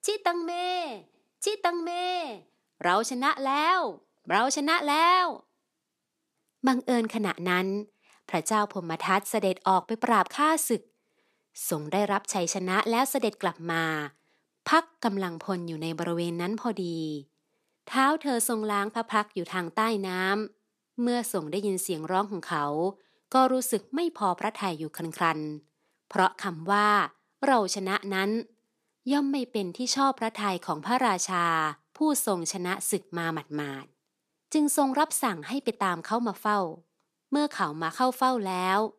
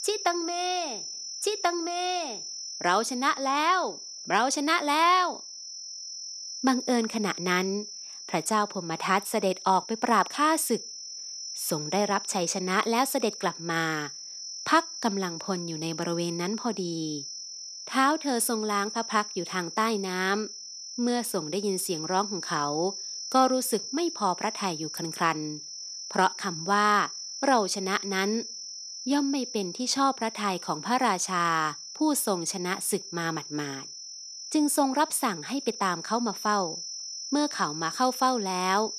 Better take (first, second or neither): first